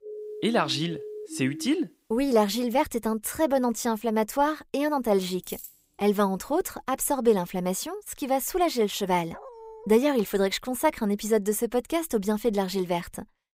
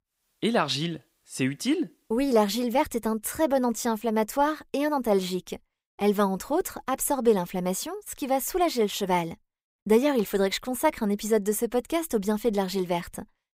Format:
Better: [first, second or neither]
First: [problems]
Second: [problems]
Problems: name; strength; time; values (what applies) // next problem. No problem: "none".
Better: second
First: siren; faint; until 1.5 s; peak 10 dB below the speech // jangling keys; faint; at 5 s; peak 15 dB below the speech // dog barking; faint; at 9.5 s; peak 15 dB below the speech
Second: none